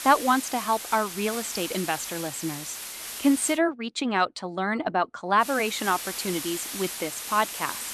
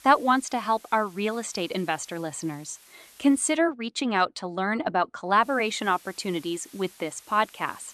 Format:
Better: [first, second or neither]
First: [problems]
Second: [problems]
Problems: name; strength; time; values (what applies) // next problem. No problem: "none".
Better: second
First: hiss; loud; until 3.5 s and from 5.5 s on; 7 dB below the speech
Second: hiss; faint; until 3.5 s and from 5.5 s on; 25 dB below the speech